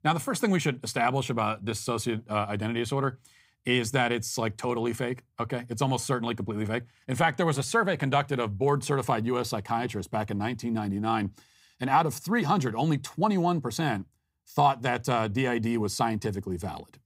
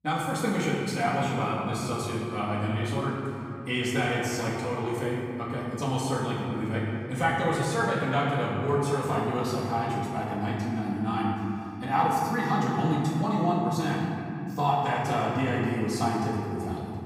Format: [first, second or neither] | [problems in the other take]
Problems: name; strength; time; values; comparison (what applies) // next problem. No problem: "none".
first | room echo; noticeable; dies away in 2.5 s // off-mic speech; far